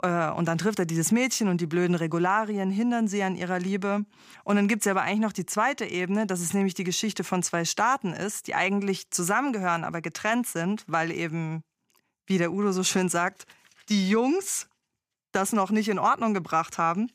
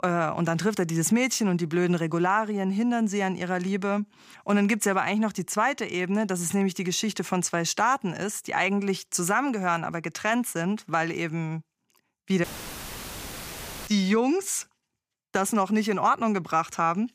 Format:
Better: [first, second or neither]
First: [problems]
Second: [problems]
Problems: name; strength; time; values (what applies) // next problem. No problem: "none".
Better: first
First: none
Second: audio cutting out; filled with static; at 12 s for 1.5 s